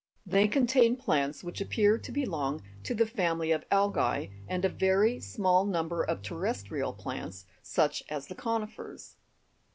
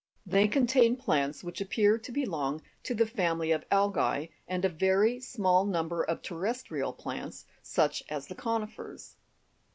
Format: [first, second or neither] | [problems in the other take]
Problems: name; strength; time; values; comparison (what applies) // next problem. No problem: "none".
second | background sound (Bowed string instrument); 17 dB below the speech